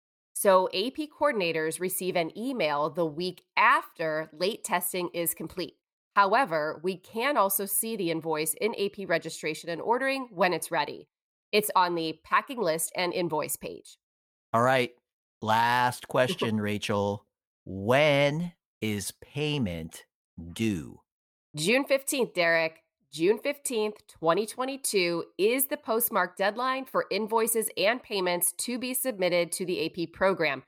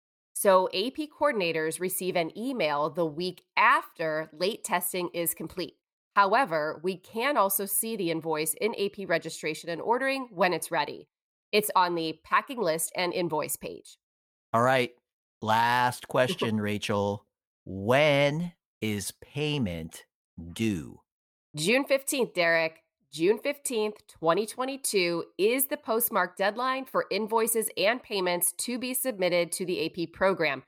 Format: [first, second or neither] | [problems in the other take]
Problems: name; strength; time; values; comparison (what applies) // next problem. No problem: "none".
neither | none